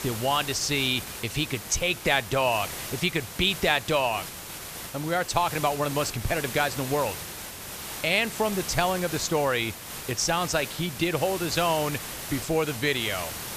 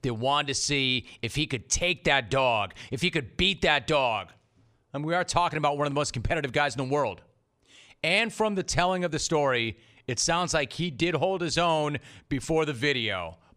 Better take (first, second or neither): second